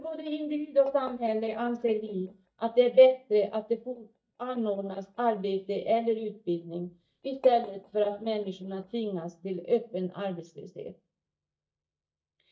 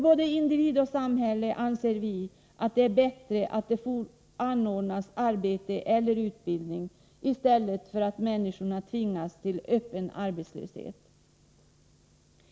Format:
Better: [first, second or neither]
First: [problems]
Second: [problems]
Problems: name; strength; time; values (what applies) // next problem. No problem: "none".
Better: second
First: noise reduction (neural mask model DeepFilterNet 3)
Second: none